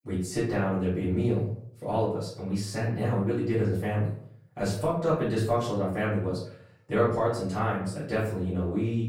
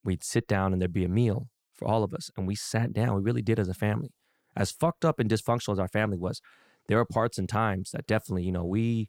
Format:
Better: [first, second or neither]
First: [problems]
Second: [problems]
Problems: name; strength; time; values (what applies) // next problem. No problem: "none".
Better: second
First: room echo; noticeable; dies away in 0.5 s // off-mic speech; far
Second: none